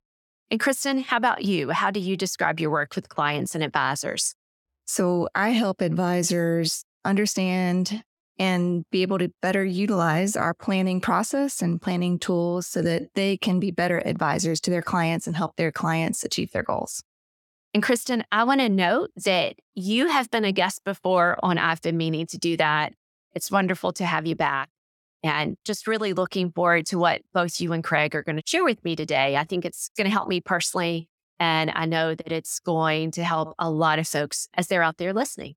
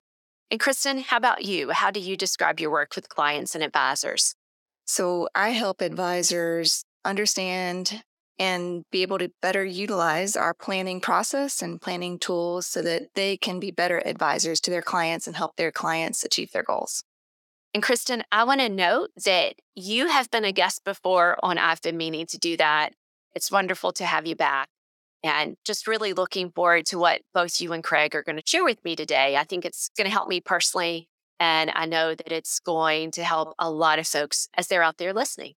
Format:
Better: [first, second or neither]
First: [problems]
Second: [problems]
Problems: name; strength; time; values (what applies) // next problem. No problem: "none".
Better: first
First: none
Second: thin; somewhat; fading below 350 Hz